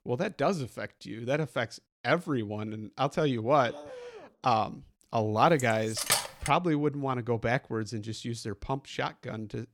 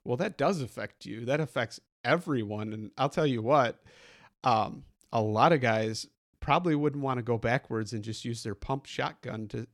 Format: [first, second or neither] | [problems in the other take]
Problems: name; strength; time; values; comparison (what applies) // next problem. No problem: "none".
second | dog barking; faint; at 3.5 s; peak 15 dB below the speech // clattering dishes; loud; at 5.5 s; peak 3 dB above the speech